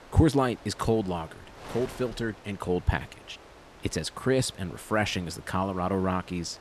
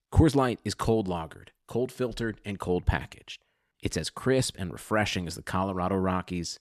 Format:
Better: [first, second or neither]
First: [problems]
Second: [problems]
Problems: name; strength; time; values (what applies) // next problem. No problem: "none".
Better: second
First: wind noise on the microphone; occasional gusts; 20 dB below the speech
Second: none